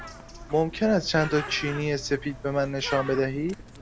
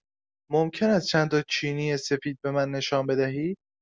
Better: second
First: background sound (Bird); 12 dB below the speech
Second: none

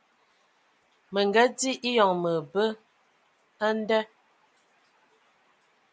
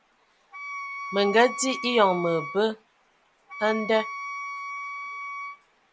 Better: first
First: none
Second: background sound (Wind instrument, woodwind instrument); 9 dB below the speech

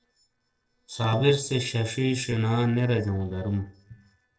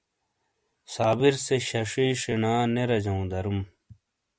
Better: second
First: noise reduction (neural separator model SepFormer DNS4)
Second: none

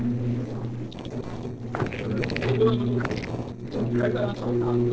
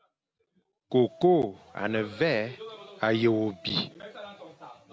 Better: second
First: noise reduction (neural separator model SepFormer DNS4)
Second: none

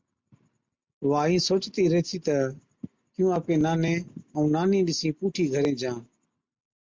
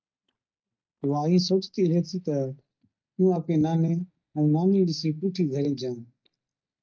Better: first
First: none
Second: noise reduction (neural mask model DeepFilterNet 3)

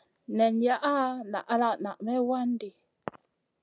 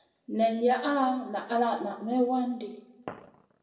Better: first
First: none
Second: room echo; dies away in 0.8 s

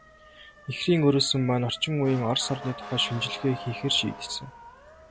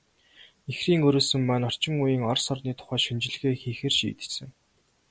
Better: second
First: background sound (Motor vehicle (road) / Siren); 15 dB below the speech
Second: none

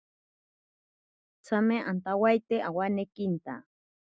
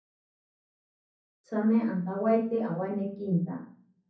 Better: first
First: none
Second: room echo; dies away in 0.6 s

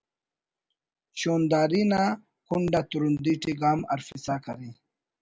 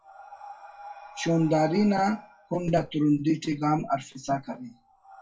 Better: first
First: none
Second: noise reduction (classical method WPE with log-MMSE)

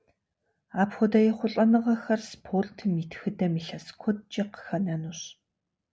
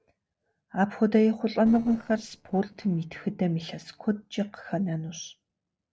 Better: first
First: none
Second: noise reduction (neural separator model SepFormer DNS4)

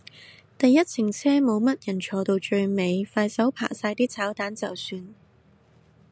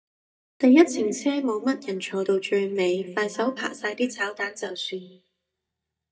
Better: first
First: none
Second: noise reduction (neural mask model DeepFilterNet 3)

